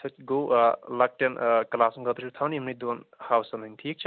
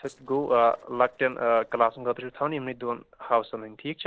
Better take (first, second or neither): first